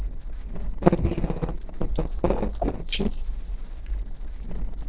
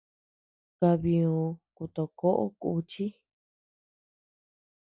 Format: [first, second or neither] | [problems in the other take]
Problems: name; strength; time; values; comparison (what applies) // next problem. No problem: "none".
second | noise reduction (neural separator model SepFormer DNS4)